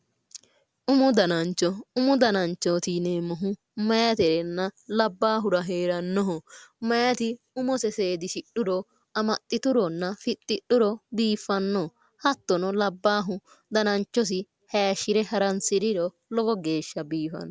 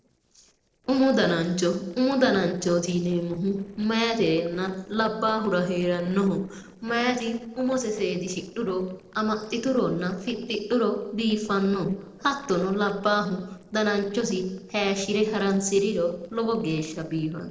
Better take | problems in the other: first | noise reduction (neural separator model SepFormer DNS4)

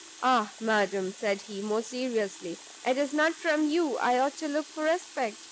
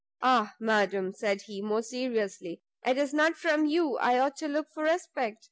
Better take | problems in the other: second | background sound (Water tap, faucet); 18 dB below the speech

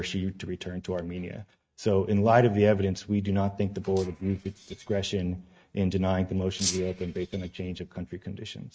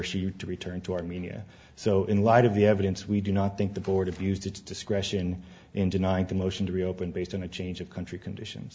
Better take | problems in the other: second | noise reduction (neural mask model RNNoise)

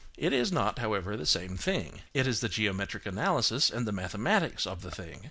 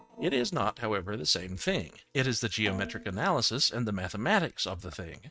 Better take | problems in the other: first | noise reduction (neural mask model RNNoise)

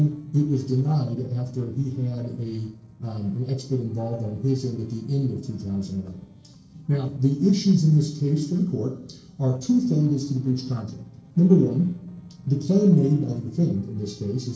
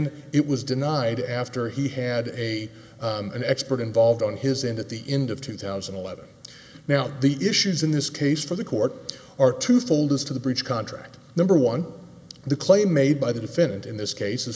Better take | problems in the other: second | noise reduction (neural separator model SepFormer DNS4)

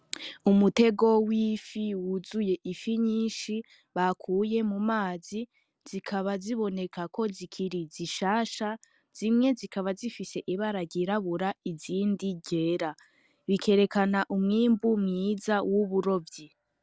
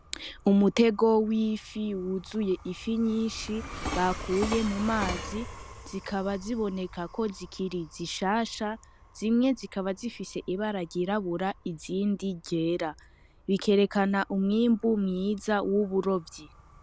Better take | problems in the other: first | background sound (Train); 15 dB below the speech

